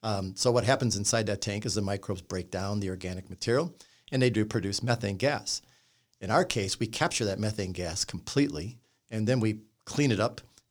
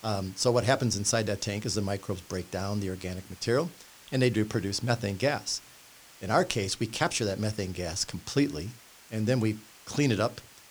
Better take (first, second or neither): first